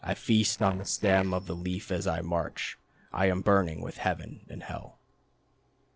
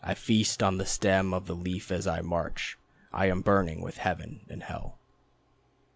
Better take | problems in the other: second | noise reduction (neural separator model SepFormer DNS4)

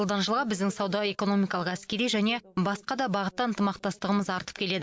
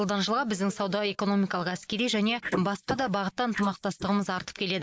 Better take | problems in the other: first | noise reduction (neural mask model Resemble Enhance denoiser)

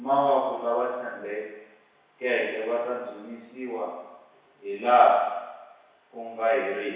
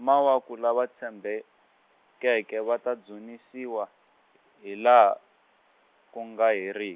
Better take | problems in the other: second | room echo; dies away in 1.1 s

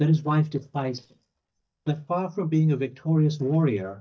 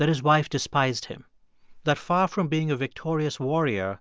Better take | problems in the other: second | noise reduction (neural mask model DeepFilterNet 3)

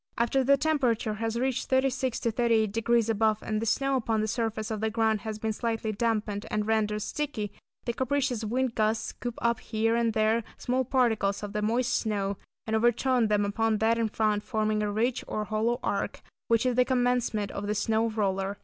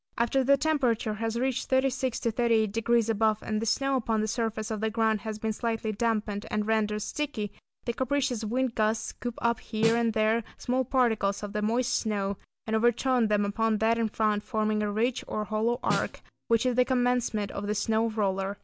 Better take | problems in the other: first | background sound (Snare drum); 10 dB below the speech

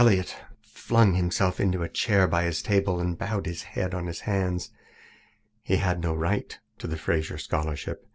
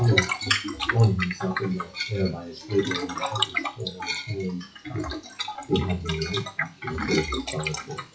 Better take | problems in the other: first | noise reduction (classical method WPE with log-MMSE)

